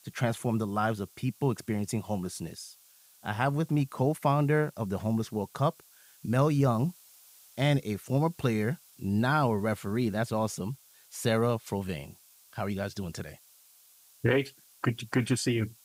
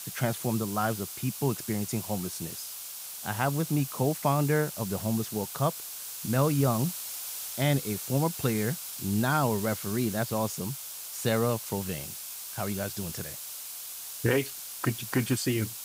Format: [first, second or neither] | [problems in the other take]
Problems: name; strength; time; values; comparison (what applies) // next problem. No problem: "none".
first | hiss; loud; throughout; 7 dB below the speech; faint in the first